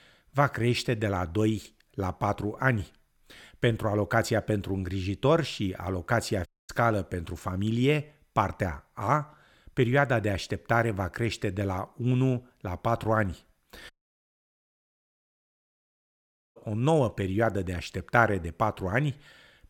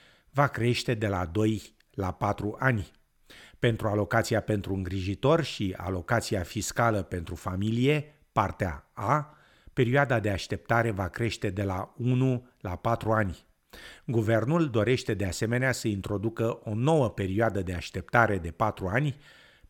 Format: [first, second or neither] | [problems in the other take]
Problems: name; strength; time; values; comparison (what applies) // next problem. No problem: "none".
second | audio cutting out; at 6.5 s and at 14 s for 2.5 s